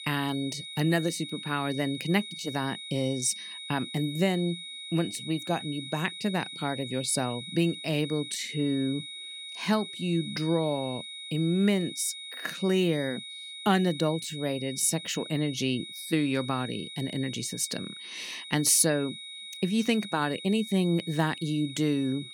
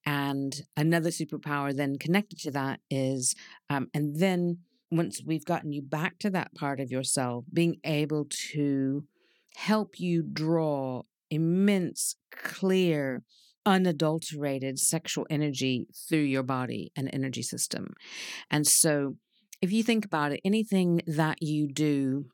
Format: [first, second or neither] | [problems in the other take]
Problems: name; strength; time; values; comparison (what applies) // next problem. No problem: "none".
second | high-pitched whine; loud; throughout; 4 kHz, 10 dB below the speech